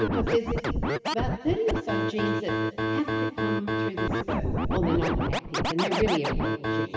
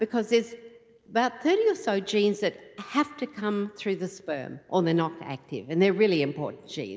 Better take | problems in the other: second | background sound (Scratching (performance technique)); 3 dB above the speech // room echo; dies away in 1.8 s

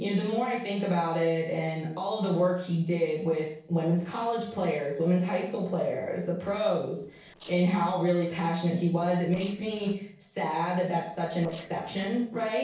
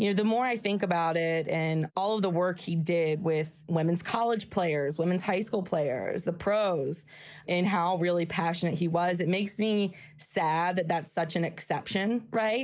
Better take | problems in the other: second | noise reduction (neural separator model SepFormer DNS4)

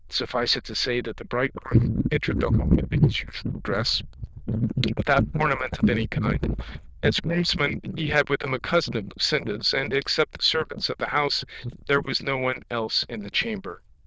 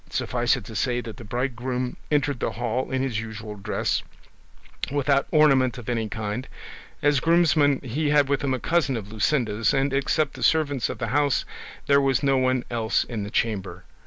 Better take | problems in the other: second | noise reduction (neural diffusion model UNIVERSE++)

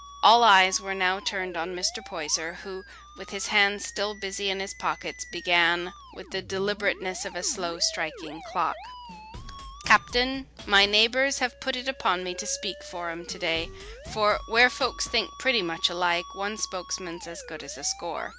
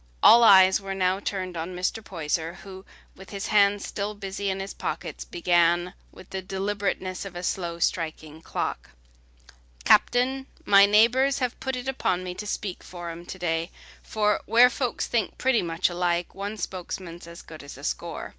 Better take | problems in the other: second | background sound (Musical instrument + Drum kit); 17 dB below the speech

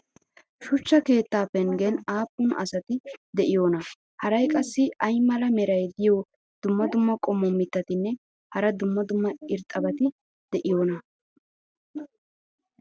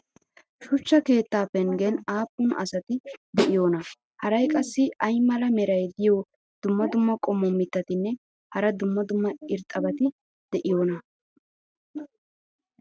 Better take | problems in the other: first | noise reduction (neural mask model RNNoise)

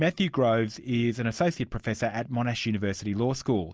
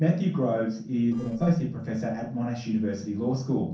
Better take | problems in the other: first | noise reduction (neural separator model SepFormer DNS4)

